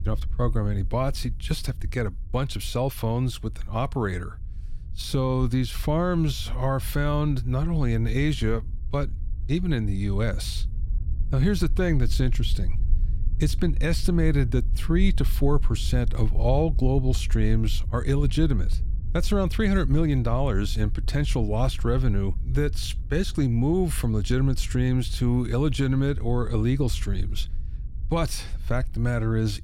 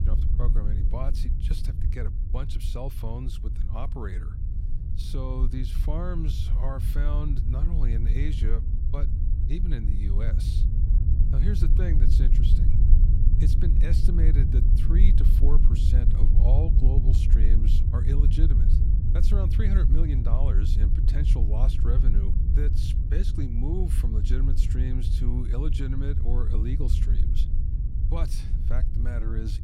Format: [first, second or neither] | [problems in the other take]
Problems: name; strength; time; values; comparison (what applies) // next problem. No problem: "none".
first | wind noise on the microphone; heavy; 3 dB below the speech; occasional gusts in the first